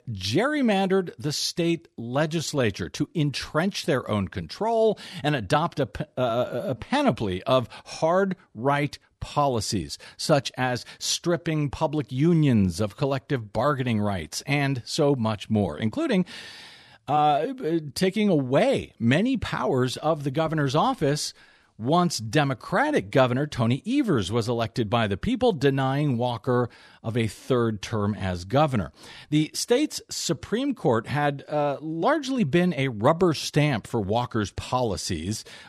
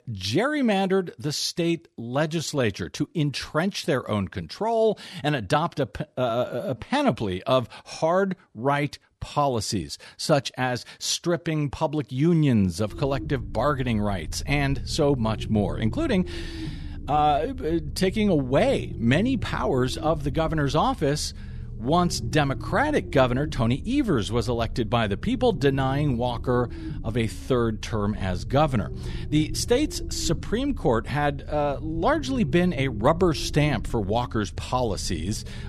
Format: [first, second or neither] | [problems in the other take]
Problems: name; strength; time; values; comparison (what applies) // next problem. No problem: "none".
first | low rumble; faint; from 13 s on; 20 dB below the speech